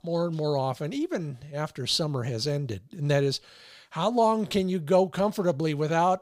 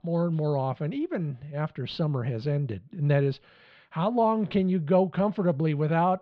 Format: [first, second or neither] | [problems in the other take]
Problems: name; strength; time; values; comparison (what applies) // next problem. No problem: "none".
first | muffled; very; fading above 3 kHz